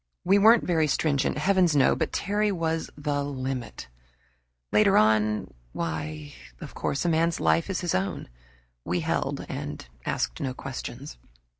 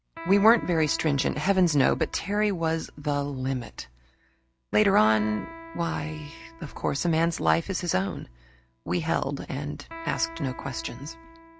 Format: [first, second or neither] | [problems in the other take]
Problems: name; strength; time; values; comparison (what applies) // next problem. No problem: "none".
first | background sound (Electric guitar); 18 dB below the speech